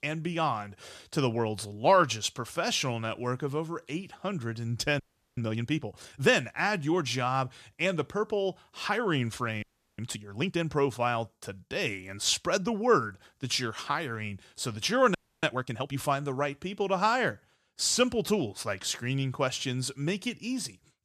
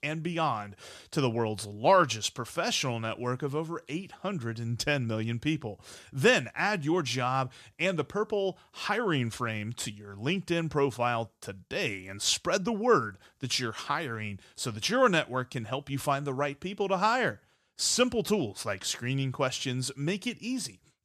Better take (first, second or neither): second